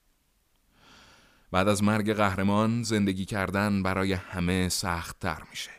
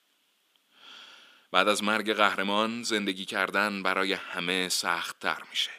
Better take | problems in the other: first | thin; somewhat; fading below 250 Hz

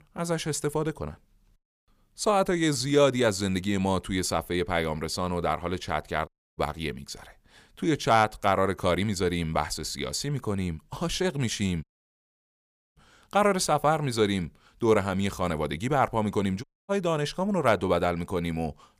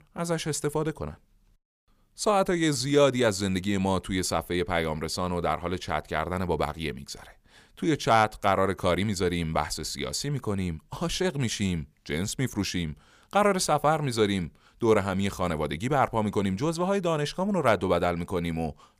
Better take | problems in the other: second | audio cutting out; at 6.5 s, at 12 s for 1 s and at 17 s

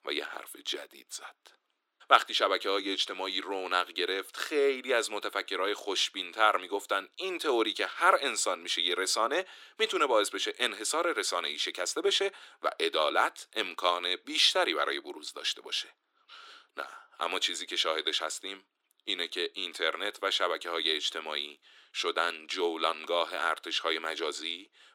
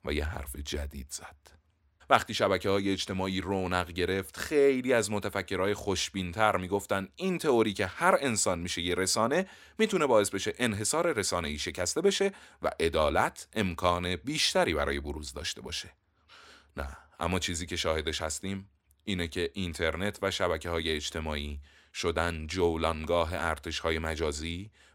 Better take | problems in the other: second | thin; somewhat; fading below 300 Hz

